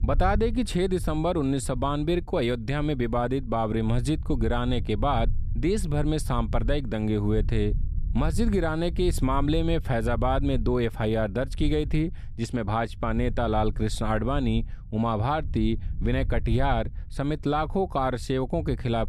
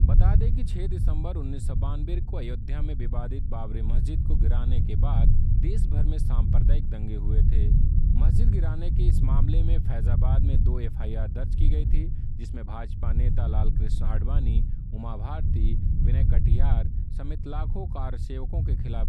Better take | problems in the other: first | low rumble; loud; throughout; 1 dB below the speech; faint in the first

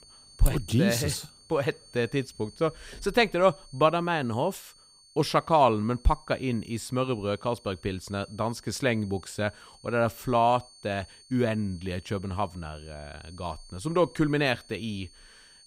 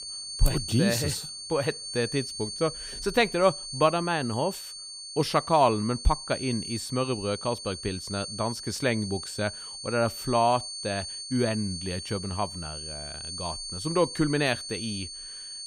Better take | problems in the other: first | high-pitched whine; loud; throughout; 4.5 kHz, 7 dB below the speech; faint in the first

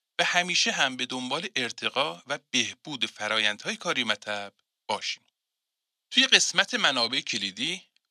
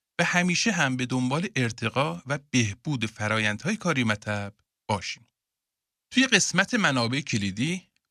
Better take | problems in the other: second | thin; somewhat; fading below 350 Hz

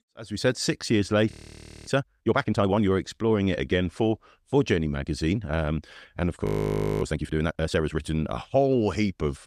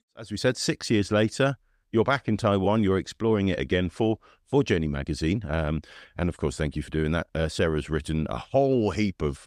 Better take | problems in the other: second | audio freezing; at 1.5 s for 0.5 s and at 6.5 s for 0.5 s

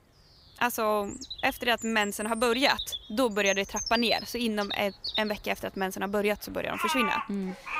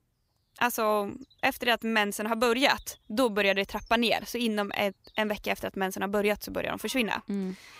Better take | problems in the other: second | animal sounds; loud; throughout; 6 dB below the speech; faint in the second

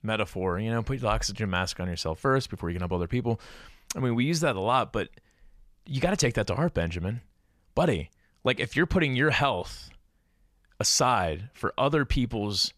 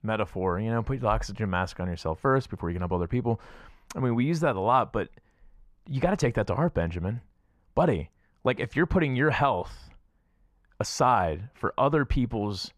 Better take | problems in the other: first | muffled; slightly; fading above 2.5 kHz

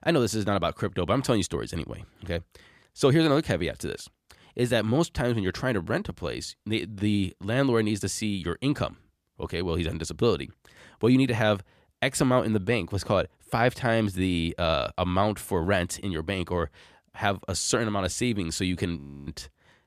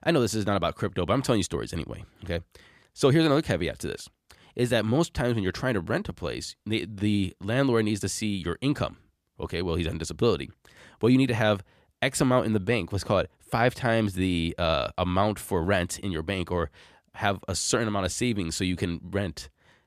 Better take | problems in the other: second | audio freezing; at 19 s

